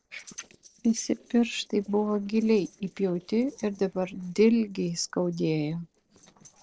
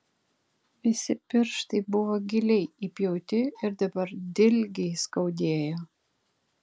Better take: second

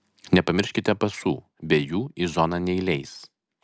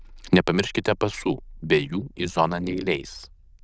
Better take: first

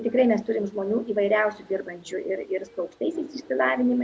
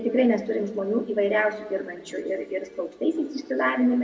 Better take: first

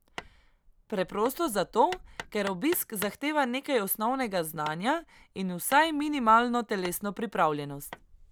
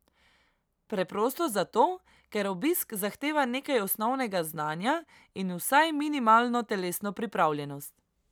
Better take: second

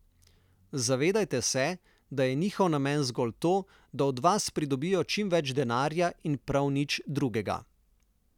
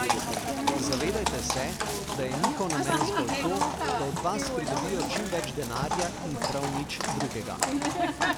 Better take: first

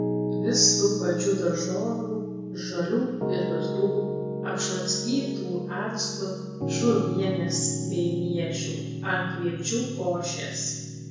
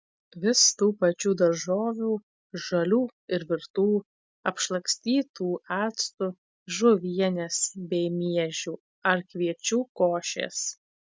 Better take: second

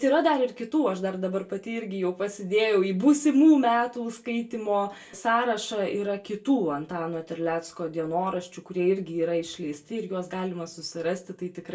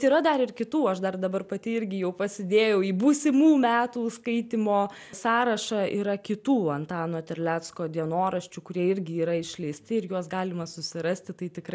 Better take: second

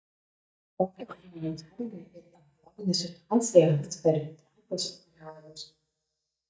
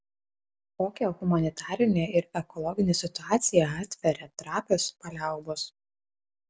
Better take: second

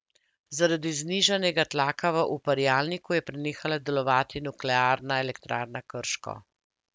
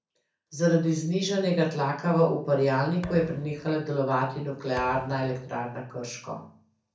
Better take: first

